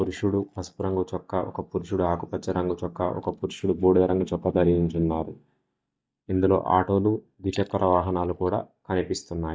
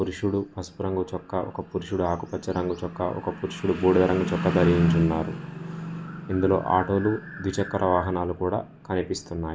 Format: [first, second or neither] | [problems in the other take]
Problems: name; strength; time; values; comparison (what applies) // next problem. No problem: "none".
second | noise reduction (neural mask model DeepFilterNet 3)